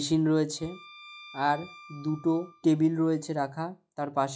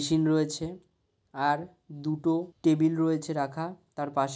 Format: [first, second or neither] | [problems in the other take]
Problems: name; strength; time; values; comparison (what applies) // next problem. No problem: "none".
second | noise reduction (classical method log-MMSE)